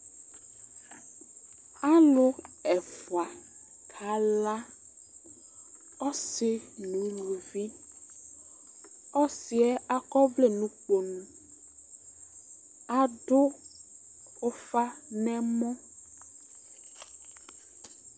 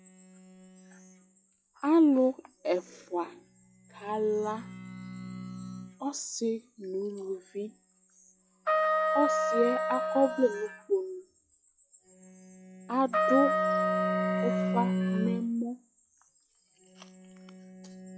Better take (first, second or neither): first